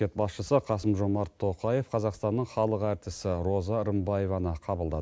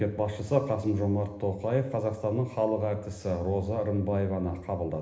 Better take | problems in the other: first | room echo; dies away in 1.1 s

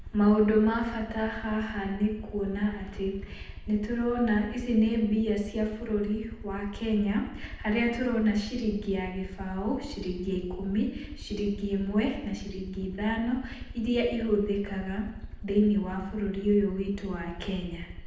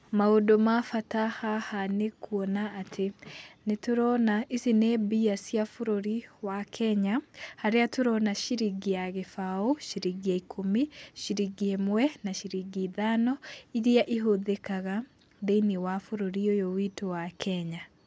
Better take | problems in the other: second | background sound (Aircraft); 12 dB below the speech // room echo; dies away in 0.8 s

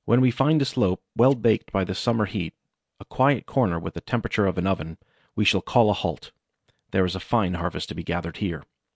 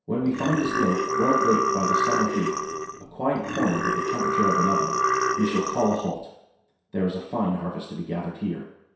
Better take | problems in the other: first | background sound (Burping, eructation); 2 dB above the speech // room echo; dies away in 0.7 s

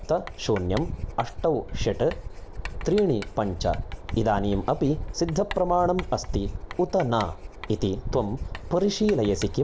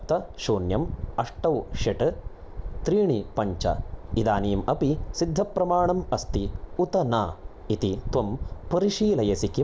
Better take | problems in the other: second | background sound (Writing); 15 dB below the speech

